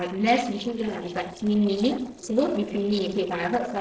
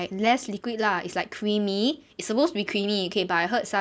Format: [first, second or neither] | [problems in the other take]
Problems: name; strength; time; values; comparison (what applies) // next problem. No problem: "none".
second | noise reduction (neural separator model SepFormer DNS4)